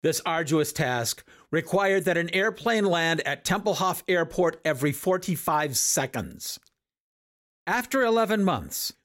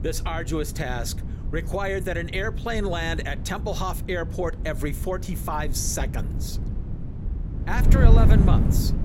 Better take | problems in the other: first | wind noise on the microphone; heavy; 9 dB below the speech

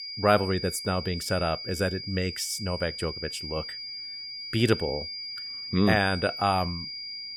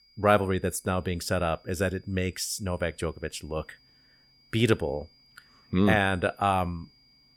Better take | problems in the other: second | high-pitched whine; loud; throughout; 5 kHz, 7 dB below the speech; faint in the second

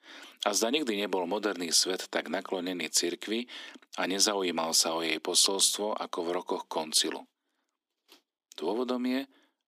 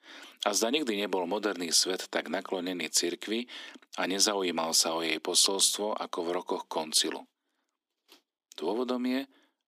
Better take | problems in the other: neither | thin; somewhat; fading below 250 Hz; the same in both

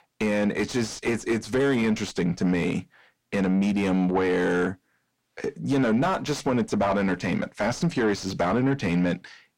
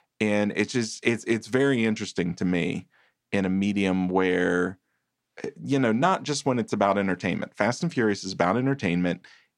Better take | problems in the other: second | distortion; heavy; 8 dB below the speech

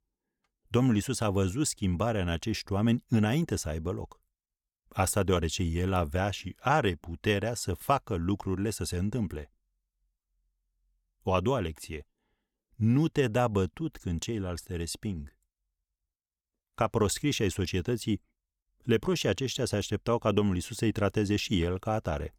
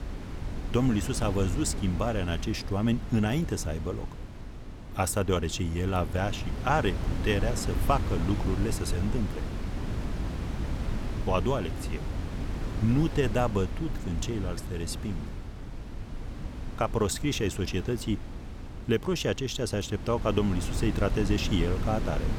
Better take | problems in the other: first | wind noise on the microphone; occasional gusts; 10 dB below the speech

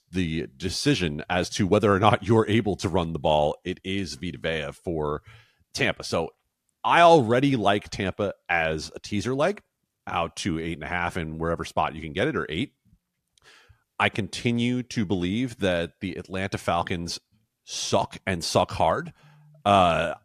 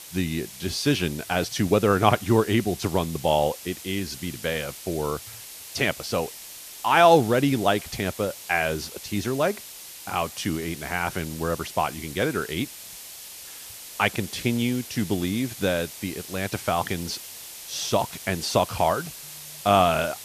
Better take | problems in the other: first | hiss; noticeable; throughout; 15 dB below the speech

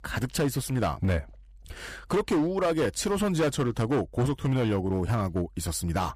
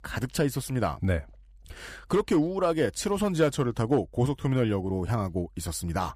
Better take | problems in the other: second | distortion; slight; 11% of the sound clipped

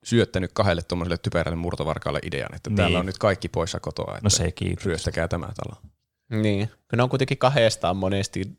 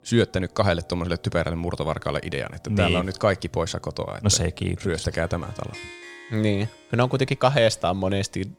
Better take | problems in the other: first | background music; faint; throughout; 25 dB below the speech

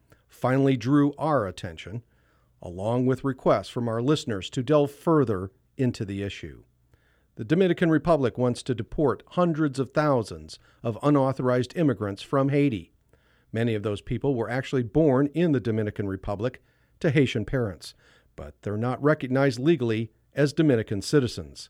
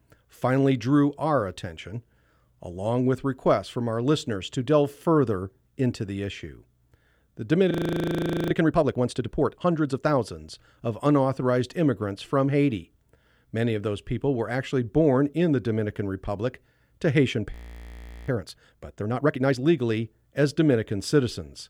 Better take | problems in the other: first | audio freezing; at 7.5 s for 1 s and at 18 s for 1 s

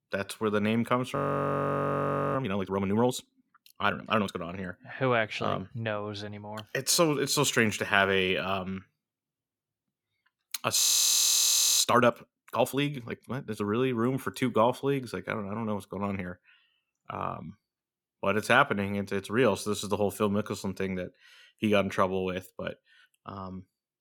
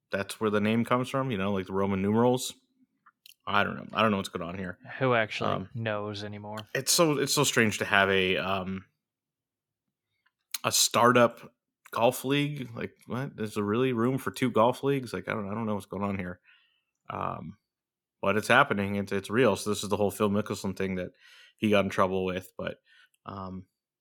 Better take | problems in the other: second | audio freezing; at 1 s for 1 s and at 11 s for 1 s

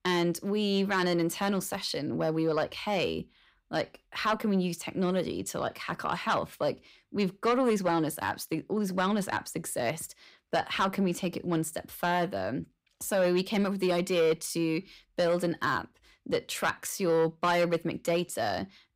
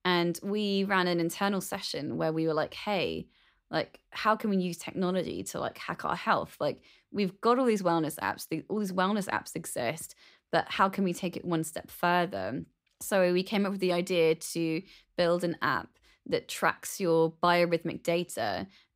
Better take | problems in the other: second | distortion; slight; 10 dB below the speech

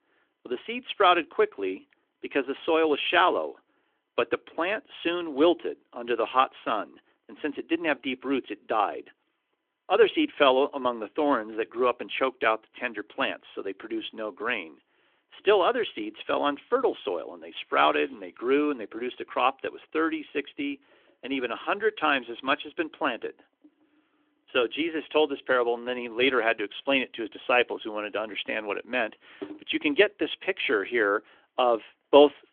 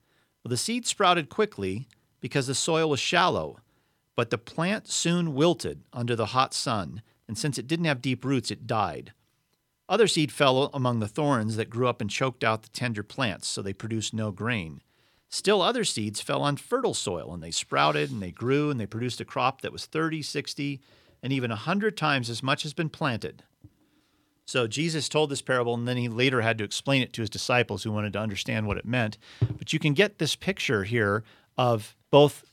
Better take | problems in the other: second | phone-call audio; nothing above 3.5 kHz

